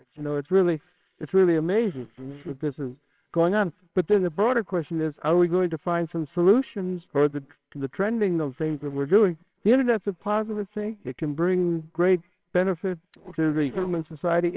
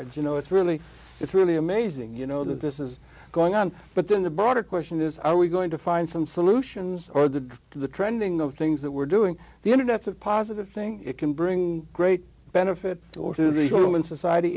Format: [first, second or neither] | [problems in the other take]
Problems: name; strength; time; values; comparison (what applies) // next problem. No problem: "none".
second | noise reduction (neural separator model SepFormer WHAMR!)